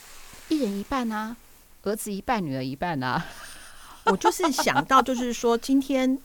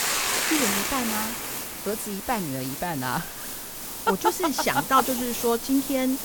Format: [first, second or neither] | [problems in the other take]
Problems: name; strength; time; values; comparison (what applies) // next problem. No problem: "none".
first | hiss; loud; throughout; 2 dB below the speech; faint in the first